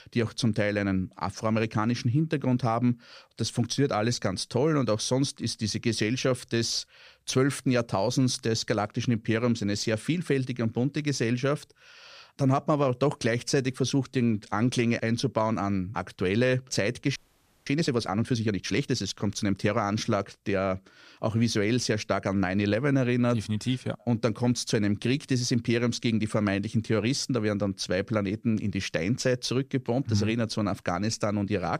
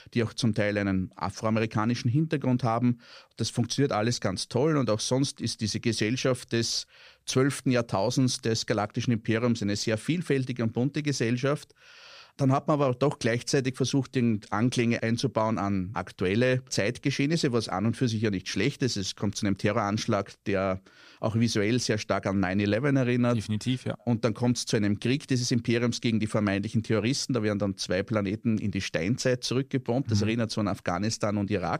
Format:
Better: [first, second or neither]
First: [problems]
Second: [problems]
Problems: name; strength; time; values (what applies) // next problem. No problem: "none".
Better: second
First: audio freezing; at 17 s for 0.5 s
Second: none